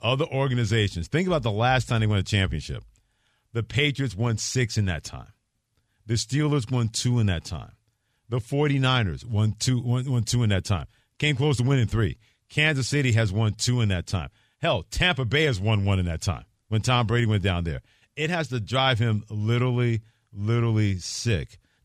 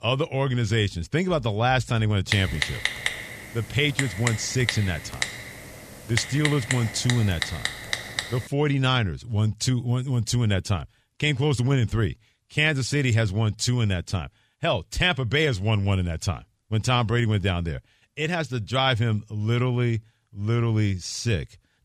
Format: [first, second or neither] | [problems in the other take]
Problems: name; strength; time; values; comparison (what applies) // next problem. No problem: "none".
first | keyboard typing; noticeable; from 2.5 to 8.5 s; peak 1 dB below the speech